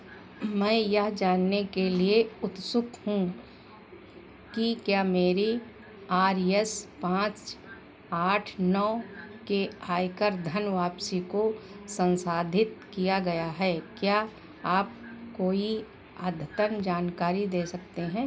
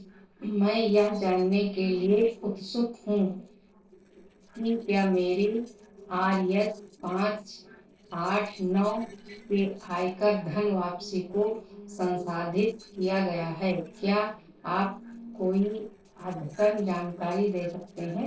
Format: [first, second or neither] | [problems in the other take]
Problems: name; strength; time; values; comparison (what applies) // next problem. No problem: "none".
first | noise reduction (neural separator model SepFormer DNS4)